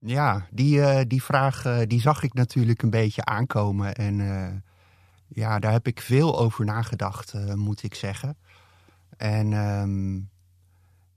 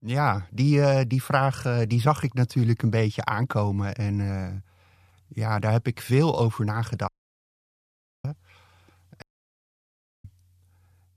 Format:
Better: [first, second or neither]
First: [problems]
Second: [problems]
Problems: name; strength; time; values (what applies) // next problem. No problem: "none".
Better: first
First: none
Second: audio cutting out; at 7 s for 1 s and at 9 s for 1 s